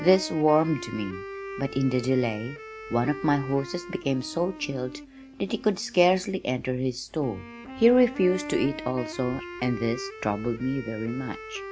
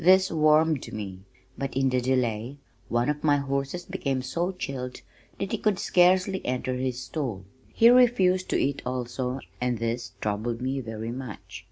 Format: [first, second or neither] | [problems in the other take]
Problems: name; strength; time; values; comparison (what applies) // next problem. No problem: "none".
second | background sound (Wind instrument, woodwind instrument); 13 dB below the speech